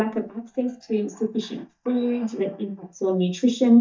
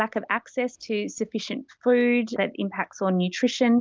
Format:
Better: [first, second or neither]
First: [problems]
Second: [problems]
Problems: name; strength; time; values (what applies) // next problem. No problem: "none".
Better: second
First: noise reduction (neural mask model DeepFilterNet 3)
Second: none